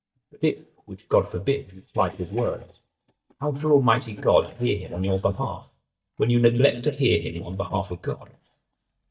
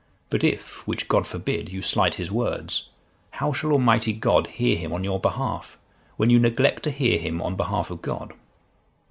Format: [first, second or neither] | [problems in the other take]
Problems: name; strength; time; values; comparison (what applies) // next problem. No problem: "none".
second | noise reduction (neural mask model DeepFilterNet 3)